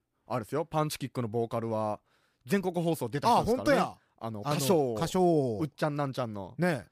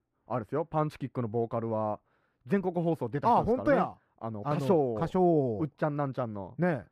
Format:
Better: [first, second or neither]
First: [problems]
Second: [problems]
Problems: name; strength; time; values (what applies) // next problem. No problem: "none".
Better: first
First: none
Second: muffled; very; fading above 3 kHz